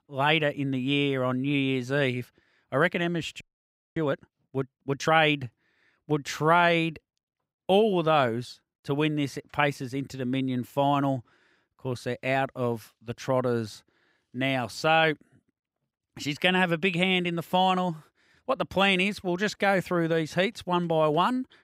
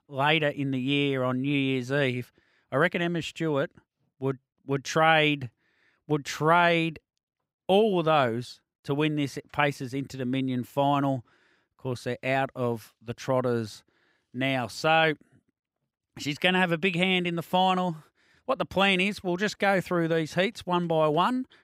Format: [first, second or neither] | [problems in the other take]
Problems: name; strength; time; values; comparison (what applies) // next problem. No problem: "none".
second | audio freezing; at 3.5 s for 0.5 s